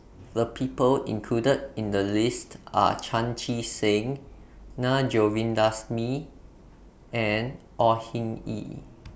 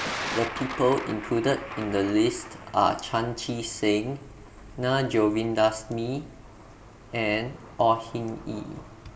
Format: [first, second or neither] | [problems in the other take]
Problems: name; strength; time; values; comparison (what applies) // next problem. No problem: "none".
first | background sound (Thunder); 13 dB below the speech // room echo; dies away in 0.4 s